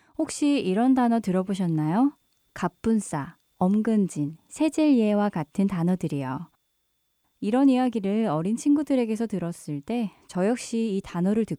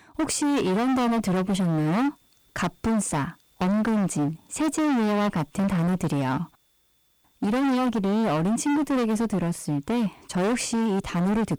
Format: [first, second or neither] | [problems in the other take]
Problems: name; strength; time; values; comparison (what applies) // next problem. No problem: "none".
first | distortion; heavy; 34% of the sound clipped